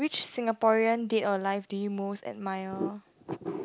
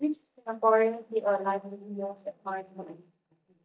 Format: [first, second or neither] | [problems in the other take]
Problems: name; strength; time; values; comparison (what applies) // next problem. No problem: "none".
first | noise reduction (neural mask model DeepFilterNet 3)